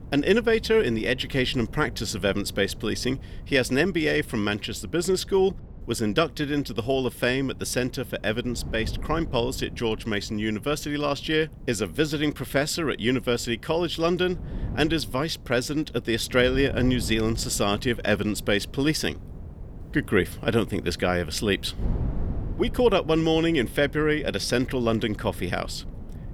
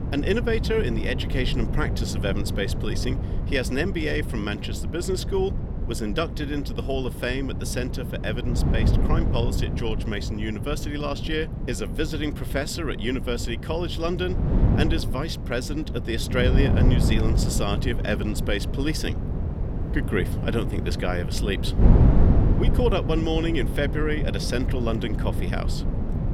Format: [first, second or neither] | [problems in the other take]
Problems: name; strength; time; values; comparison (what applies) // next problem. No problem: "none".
first | wind noise on the microphone; heavy; 7 dB below the speech; occasional gusts in the first